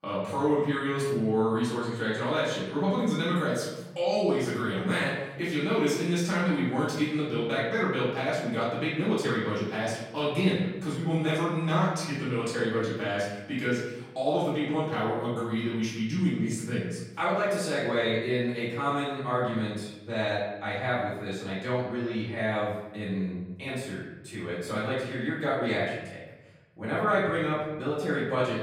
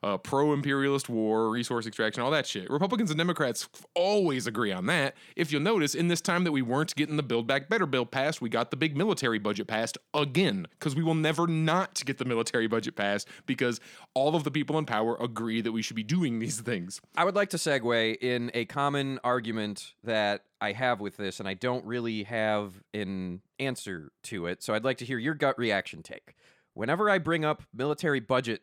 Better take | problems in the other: second | room echo; noticeable; dies away in 1.1 s // off-mic speech; far

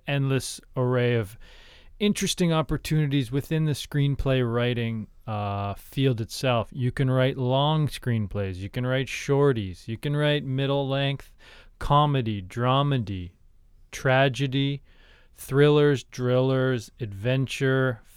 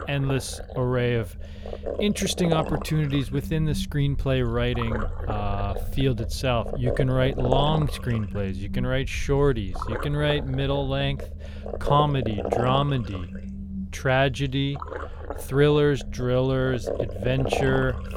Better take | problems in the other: first | low rumble; loud; throughout; 6 dB below the speech

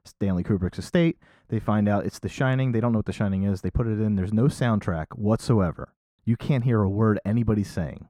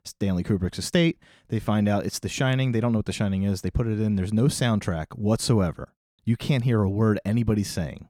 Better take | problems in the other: second | muffled; slightly; fading above 2 kHz

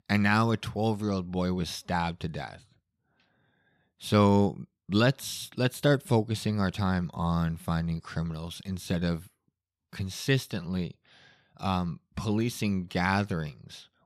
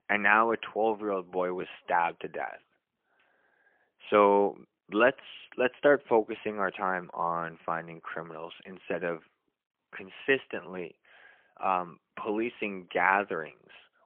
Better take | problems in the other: first | phone-call audio; poor line

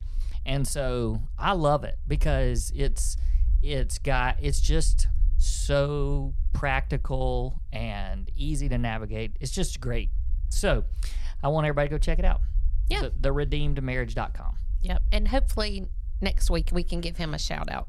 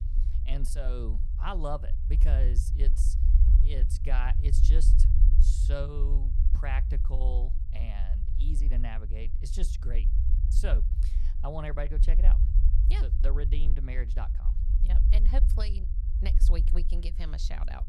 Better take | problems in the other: first | low rumble; loud; throughout; 7 dB below the speech; faint in the first

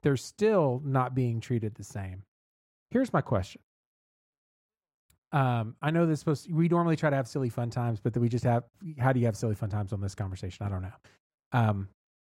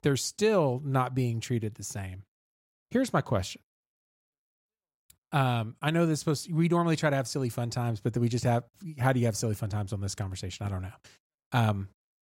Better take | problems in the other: second | muffled; slightly; fading above 2.5 kHz

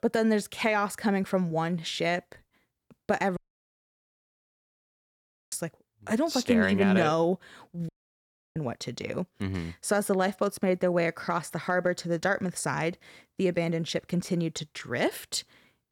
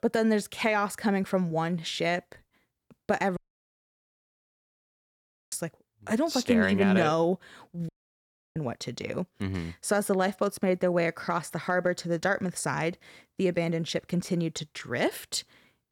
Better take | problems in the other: neither | audio cutting out; at 3.5 s for 2 s and at 8 s for 0.5 s; the same in both

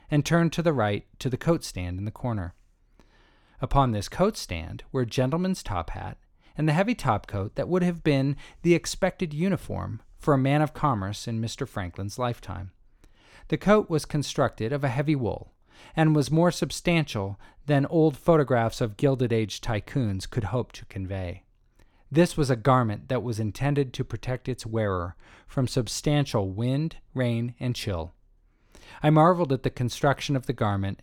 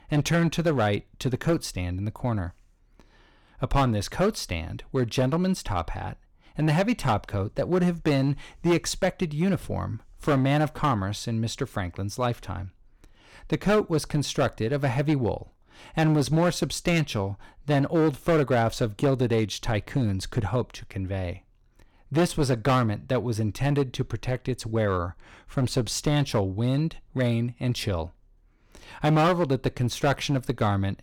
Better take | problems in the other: first | distortion; slight; 5% of the sound clipped

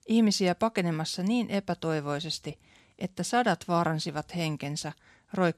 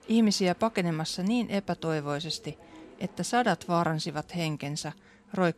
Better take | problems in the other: first | train or aircraft noise; faint; throughout; 25 dB below the speech

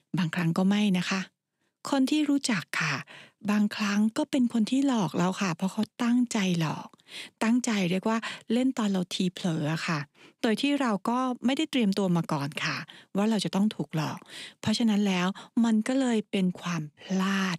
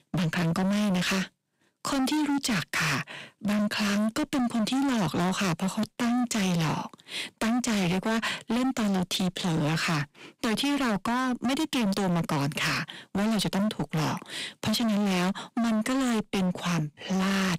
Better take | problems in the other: first | distortion; heavy; 37% of the sound clipped

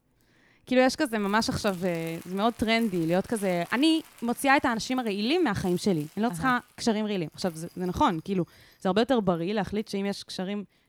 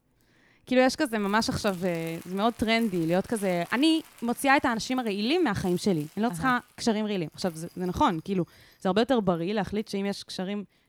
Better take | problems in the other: neither | household noises; faint; throughout; 25 dB below the speech; the same in both

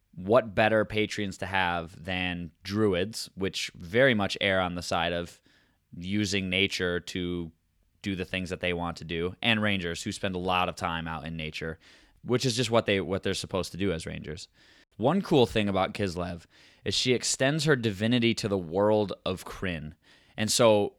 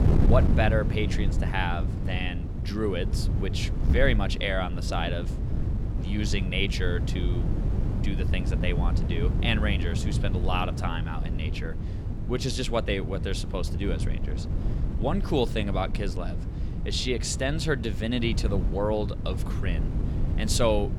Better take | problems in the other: first | wind noise on the microphone; heavy; 10 dB below the speech

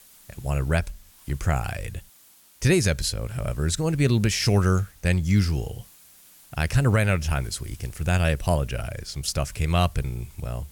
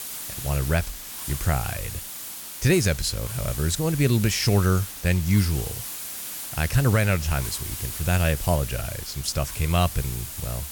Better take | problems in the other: first | hiss; loud; throughout; 8 dB below the speech; faint in the first

